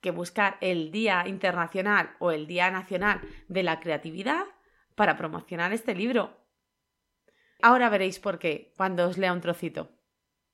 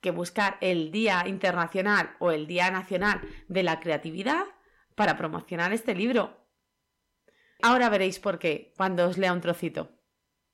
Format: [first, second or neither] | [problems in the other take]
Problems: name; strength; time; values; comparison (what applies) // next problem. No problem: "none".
first | distortion; slight; 10 dB below the speech